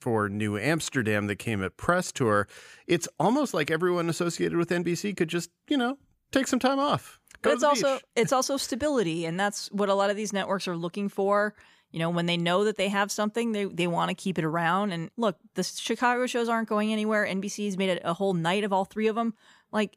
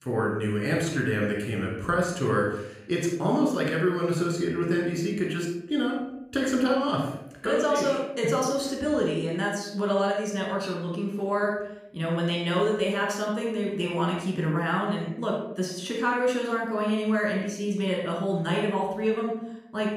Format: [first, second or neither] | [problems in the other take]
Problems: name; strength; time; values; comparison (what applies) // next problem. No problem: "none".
first | off-mic speech; somewhat distant // room echo; noticeable; dies away in 0.7 s